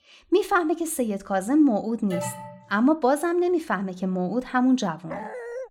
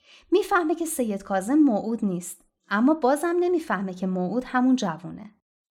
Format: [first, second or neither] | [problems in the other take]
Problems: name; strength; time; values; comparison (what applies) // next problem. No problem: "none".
second | alarm; noticeable; at 2 s; peak 9 dB below the speech // dog barking; faint; at 5 s; peak 10 dB below the speech